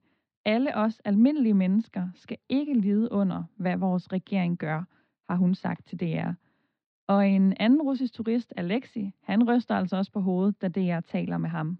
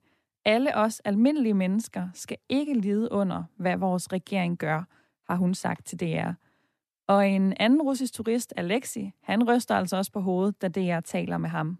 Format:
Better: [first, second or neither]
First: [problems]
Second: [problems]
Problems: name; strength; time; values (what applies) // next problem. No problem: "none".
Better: second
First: muffled; very slightly; fading above 4.5 kHz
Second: none